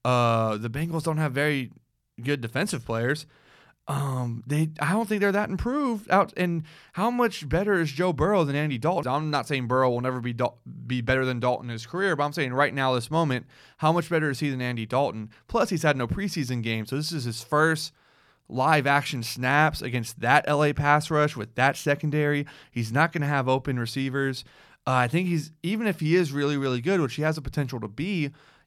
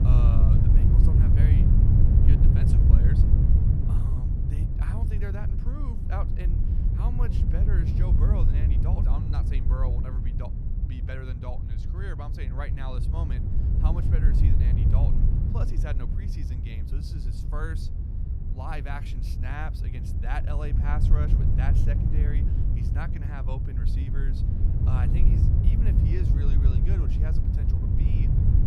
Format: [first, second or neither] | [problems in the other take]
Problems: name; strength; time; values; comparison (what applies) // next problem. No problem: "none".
first | wind noise on the microphone; heavy; 2 dB above the speech